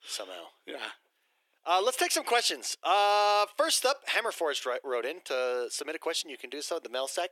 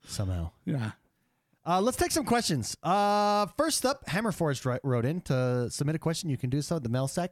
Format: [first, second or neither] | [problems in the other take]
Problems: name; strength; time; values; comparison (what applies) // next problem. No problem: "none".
second | thin; very; fading below 400 Hz